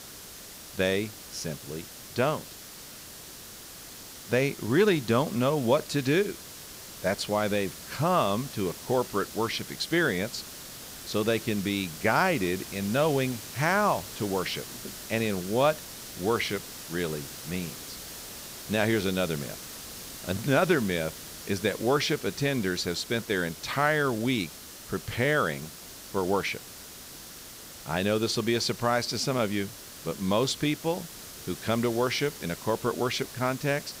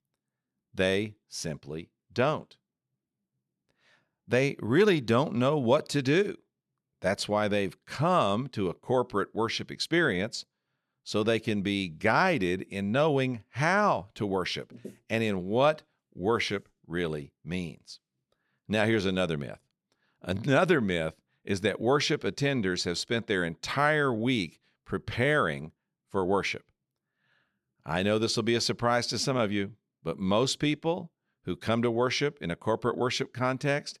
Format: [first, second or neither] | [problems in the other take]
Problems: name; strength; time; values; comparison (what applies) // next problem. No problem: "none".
second | hiss; noticeable; throughout; 10 dB below the speech